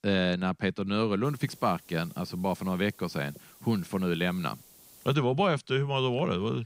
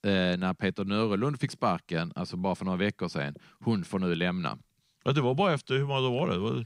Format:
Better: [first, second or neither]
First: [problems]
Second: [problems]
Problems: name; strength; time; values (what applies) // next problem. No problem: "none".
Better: second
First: hiss; faint; from 1 to 5 s; 25 dB below the speech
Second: none